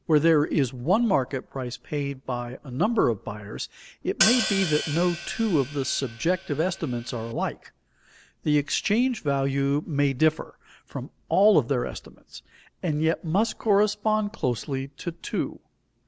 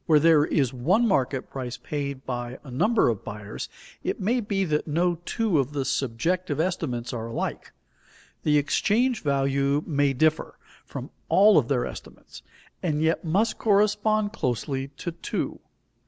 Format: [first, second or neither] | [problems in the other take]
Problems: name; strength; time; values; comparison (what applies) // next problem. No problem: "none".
second | background sound (Hi-hat); 6 dB below the speech